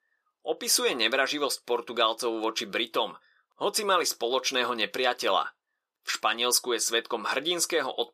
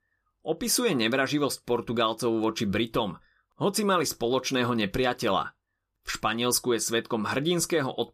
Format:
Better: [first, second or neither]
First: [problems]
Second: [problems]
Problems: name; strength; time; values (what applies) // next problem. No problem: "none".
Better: second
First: thin; somewhat; fading below 500 Hz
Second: none